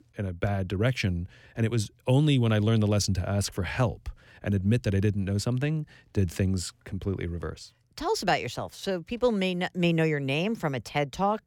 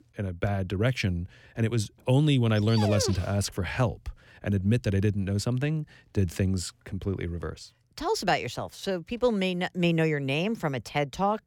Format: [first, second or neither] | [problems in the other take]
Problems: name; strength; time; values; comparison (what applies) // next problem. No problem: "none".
first | dog barking; noticeable; at 2.5 s; peak 4 dB below the speech